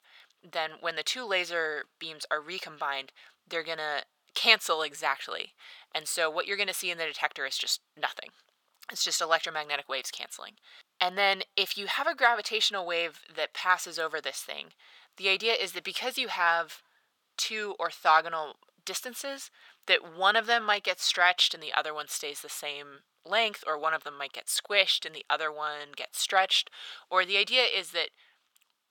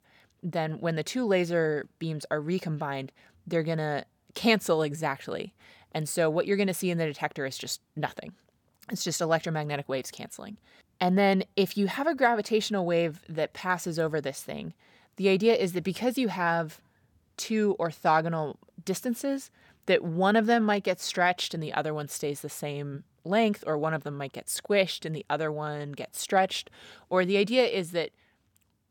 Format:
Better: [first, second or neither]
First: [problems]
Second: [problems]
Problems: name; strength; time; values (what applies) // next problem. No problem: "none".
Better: second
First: thin; very; fading below 750 Hz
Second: none